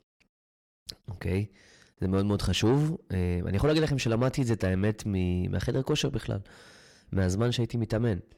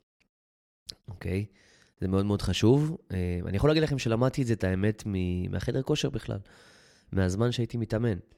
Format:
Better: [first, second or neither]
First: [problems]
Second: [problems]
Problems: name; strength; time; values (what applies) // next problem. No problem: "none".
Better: second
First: distortion; slight; 10 dB below the speech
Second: none